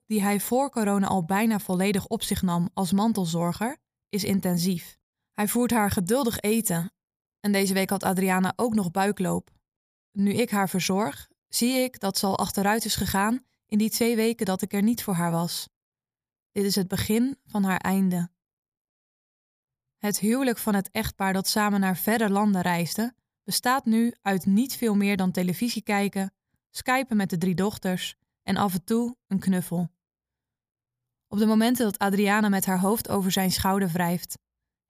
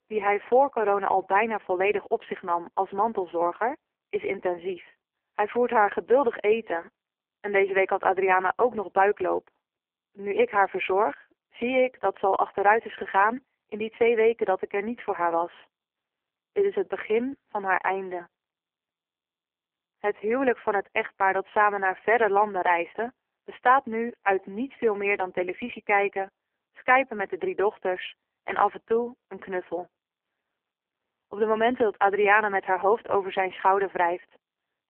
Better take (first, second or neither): first